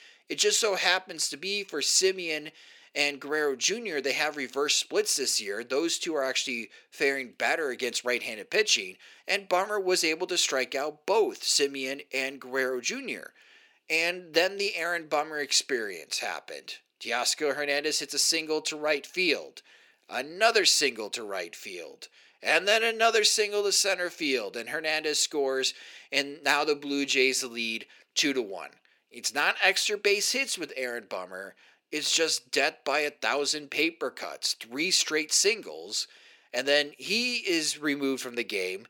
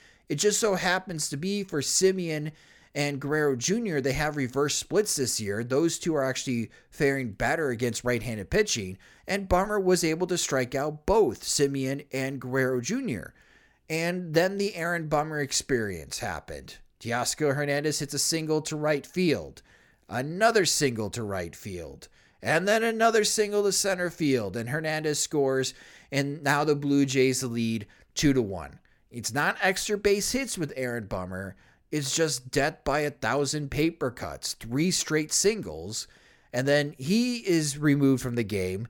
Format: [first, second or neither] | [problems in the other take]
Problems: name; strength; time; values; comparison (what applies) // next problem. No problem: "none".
second | thin; somewhat; fading below 350 Hz